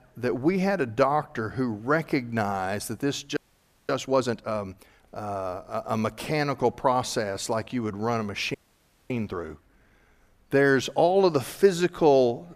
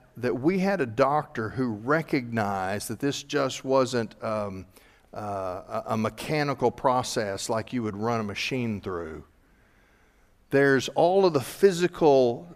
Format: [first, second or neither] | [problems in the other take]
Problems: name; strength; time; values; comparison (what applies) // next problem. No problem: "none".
second | audio freezing; at 3.5 s for 0.5 s and at 8.5 s for 0.5 s